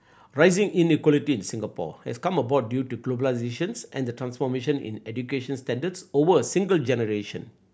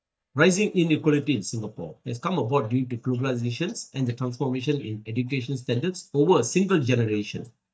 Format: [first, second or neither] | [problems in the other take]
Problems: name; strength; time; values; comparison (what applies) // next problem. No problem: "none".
first | noise reduction (neural mask model DeepFilterNet 3)